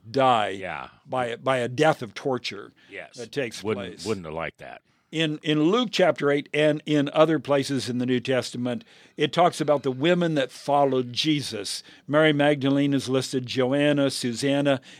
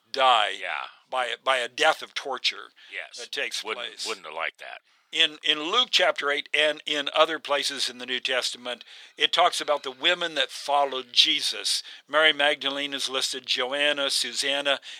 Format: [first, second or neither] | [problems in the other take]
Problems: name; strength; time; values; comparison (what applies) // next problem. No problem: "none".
first | thin; very; fading below 850 Hz